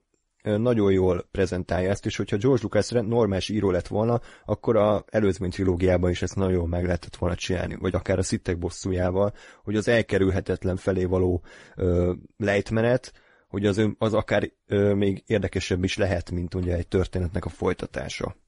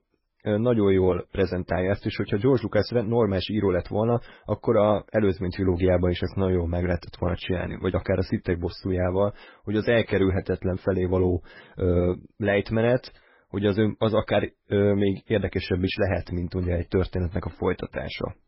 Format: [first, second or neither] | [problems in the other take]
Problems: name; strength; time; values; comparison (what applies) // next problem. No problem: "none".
first | garbled, watery; badly; nothing above 5.5 kHz; slightly in the first